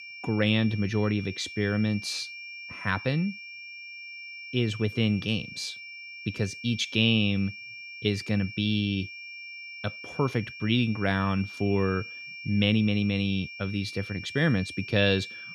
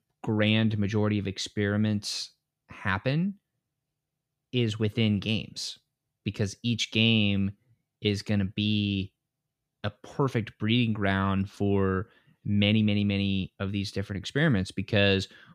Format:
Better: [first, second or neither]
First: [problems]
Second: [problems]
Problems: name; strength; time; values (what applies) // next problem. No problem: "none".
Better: second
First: high-pitched whine; noticeable; throughout; 2.5 kHz, 10 dB below the speech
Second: none